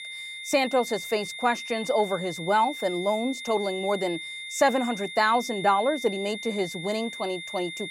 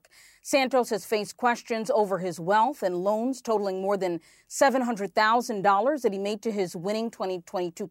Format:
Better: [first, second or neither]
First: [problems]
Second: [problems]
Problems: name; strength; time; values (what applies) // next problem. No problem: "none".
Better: second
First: high-pitched whine; loud; throughout; 2 kHz, 9 dB below the speech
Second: none